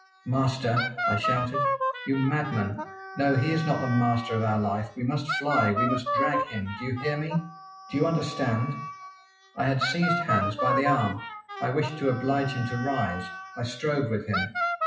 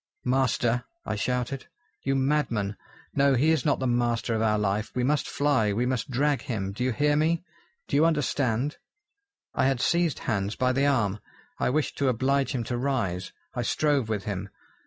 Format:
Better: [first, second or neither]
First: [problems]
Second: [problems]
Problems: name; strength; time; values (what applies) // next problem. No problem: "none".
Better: second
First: noise reduction (classical method WPE with log-MMSE)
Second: none